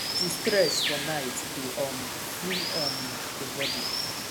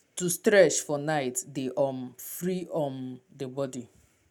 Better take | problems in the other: second | background sound (Water); 2 dB above the speech

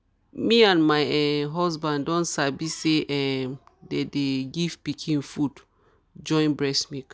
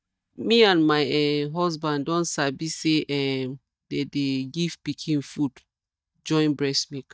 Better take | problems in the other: first | noise reduction (neural mask model DeepFilterNet 3)

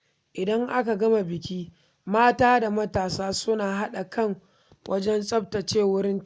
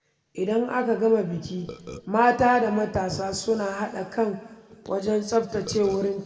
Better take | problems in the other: first | background sound (Burping, eructation); 14 dB below the speech // room echo; dies away in 1.8 s

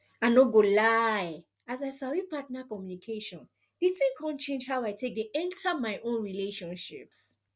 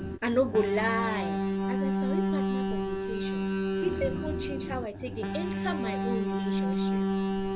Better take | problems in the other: first | background sound (Alarm); 3 dB above the speech

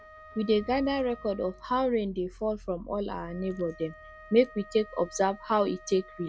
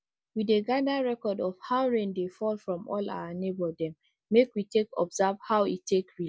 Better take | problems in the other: second | background sound (Wind instrument, woodwind instrument + Rattle / Engine starting / Car); 19 dB below the speech

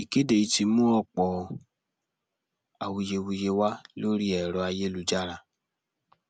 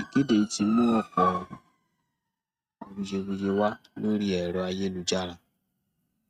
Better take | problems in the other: first | noise reduction (neural mask model RNNoise)

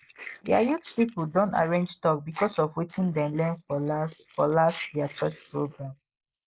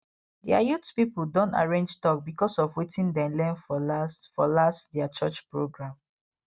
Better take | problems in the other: second | noise reduction (neural mask model Resemble Enhance denoiser)

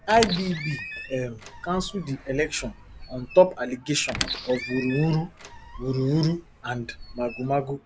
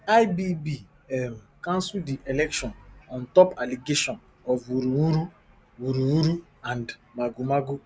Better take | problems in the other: second | background sound (Squeak); 11 dB below the speech

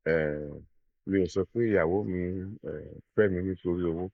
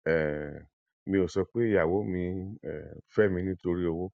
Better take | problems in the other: second | noise reduction (neural mask model Resemble Enhance denoiser)

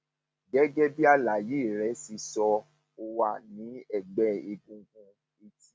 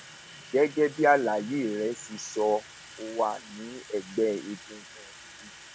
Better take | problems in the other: first | background sound (Sink (filling or washing) / Water tap, faucet); 18 dB below the speech

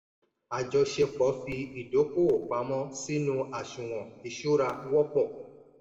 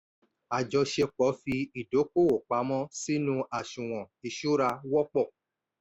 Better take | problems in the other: second | room echo; dies away in 1.4 s

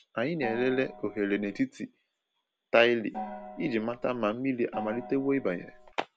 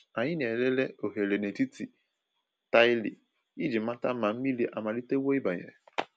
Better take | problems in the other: second | background sound (Gong); 12 dB below the speech

